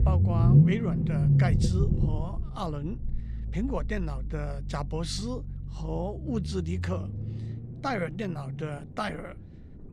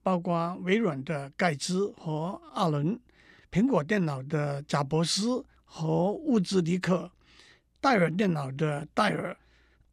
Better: second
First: low rumble; loud; throughout; 1 dB below the speech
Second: none

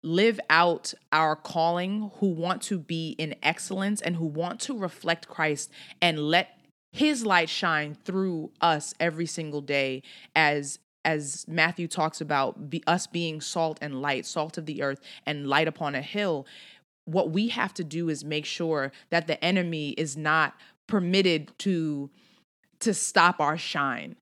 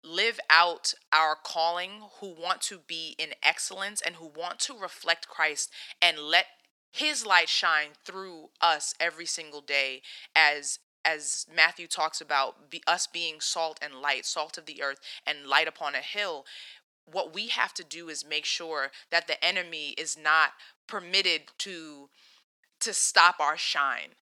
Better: first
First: none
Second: thin; very; fading below 850 Hz

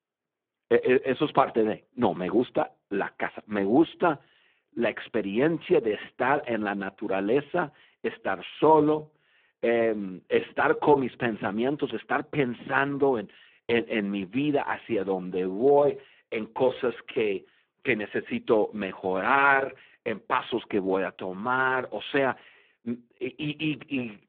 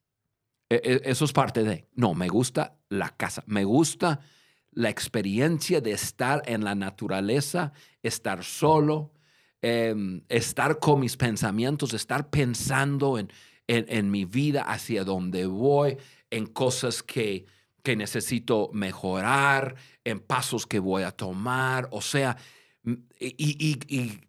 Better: second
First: phone-call audio; poor line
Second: none

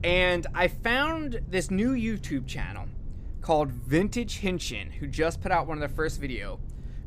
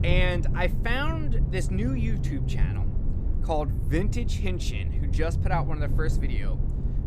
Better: first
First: low rumble; faint; throughout; 25 dB below the speech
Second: low rumble; loud; throughout; 10 dB below the speech

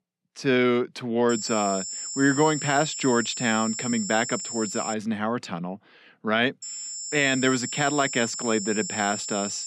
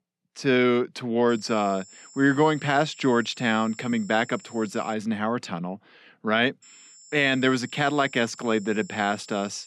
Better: second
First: high-pitched whine; loud; from 1.5 to 5 s and from 6.5 s on; 7.5 kHz, 6 dB below the speech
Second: high-pitched whine; faint; from 1.5 to 5 s and from 6.5 s on; 7.5 kHz, 20 dB below the speech

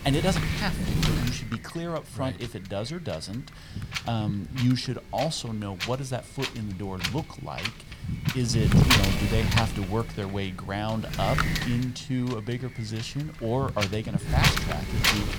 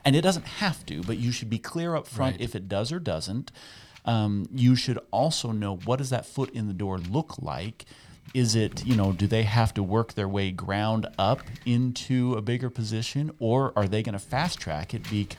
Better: second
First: wind noise on the microphone; heavy; 4 dB above the speech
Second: wind noise on the microphone; occasional gusts; 20 dB below the speech

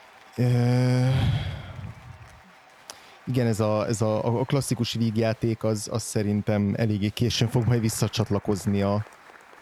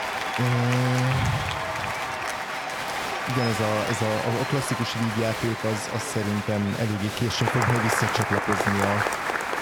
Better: first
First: crowd noise; faint; throughout; 25 dB below the speech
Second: crowd noise; loud; throughout; 1 dB below the speech

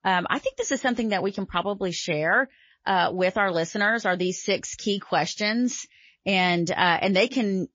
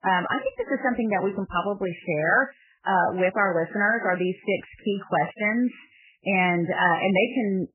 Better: first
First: garbled, watery; slightly; nothing above 6.5 kHz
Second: garbled, watery; badly; nothing above 3 kHz

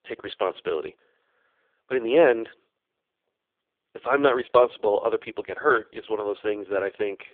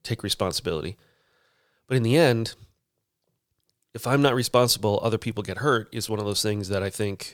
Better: second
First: phone-call audio; poor line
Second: none

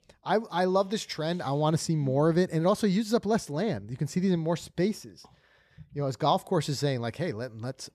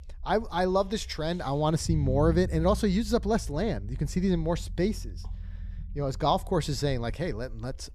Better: first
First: none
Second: low rumble; faint; throughout; 25 dB below the speech

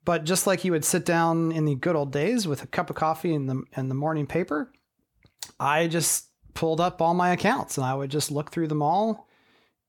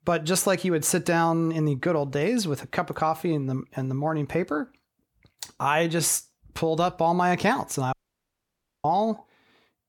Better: first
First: none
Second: audio cutting out; at 8 s for 1 s

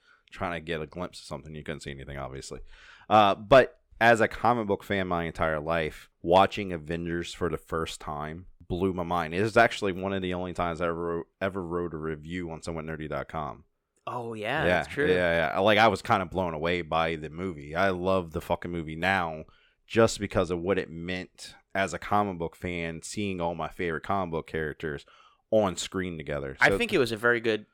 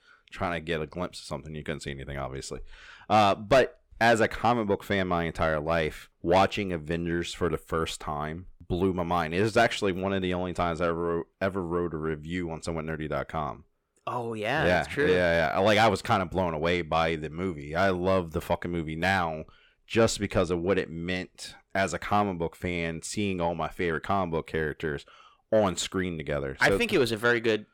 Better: first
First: none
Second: distortion; slight; 10 dB below the speech

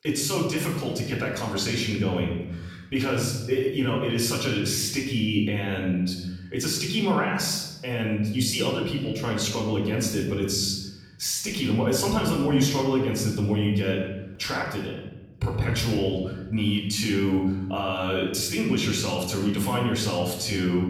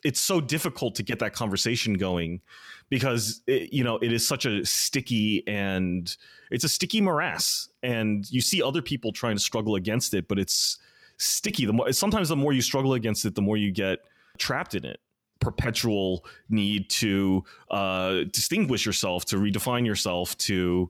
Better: second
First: off-mic speech; somewhat distant // room echo; noticeable; dies away in 1.1 s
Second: none

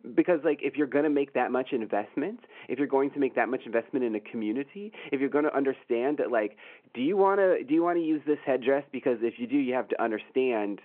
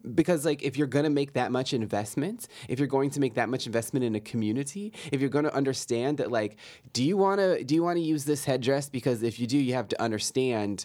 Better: second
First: phone-call audio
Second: none

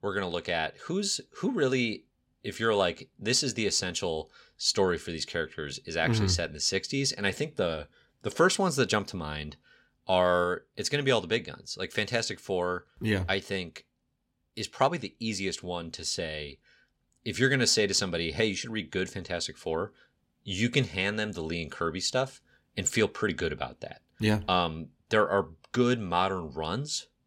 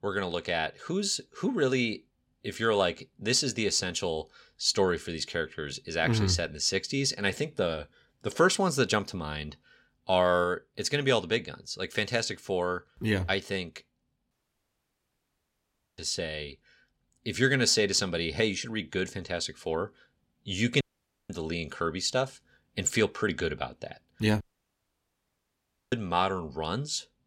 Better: first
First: none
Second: audio cutting out; at 14 s for 1.5 s, at 21 s and at 24 s for 1.5 s

